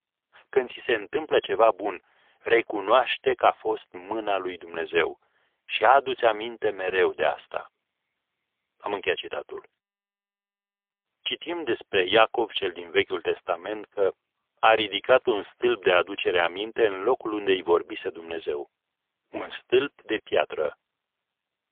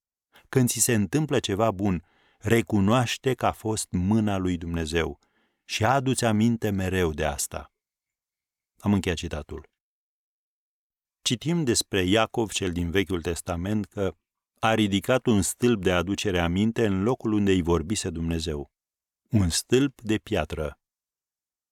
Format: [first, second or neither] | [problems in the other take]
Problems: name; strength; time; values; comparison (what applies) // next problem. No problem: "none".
second | phone-call audio; poor line; nothing above 3.5 kHz